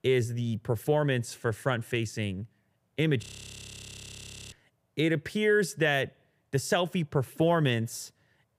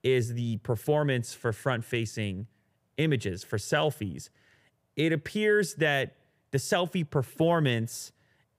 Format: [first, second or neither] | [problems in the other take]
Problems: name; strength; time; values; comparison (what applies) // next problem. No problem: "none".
second | audio freezing; at 3 s for 1.5 s